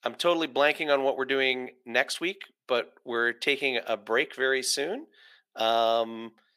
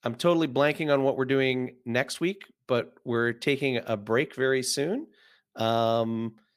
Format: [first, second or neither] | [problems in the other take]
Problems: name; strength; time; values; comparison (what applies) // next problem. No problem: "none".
second | thin; somewhat; fading below 400 Hz